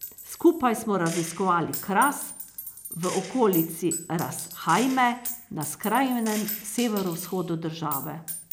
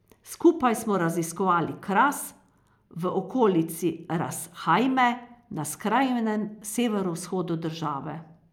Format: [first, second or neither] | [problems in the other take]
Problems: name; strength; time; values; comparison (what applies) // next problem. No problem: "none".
second | background sound (Gunshot, gunfire); 11 dB below the speech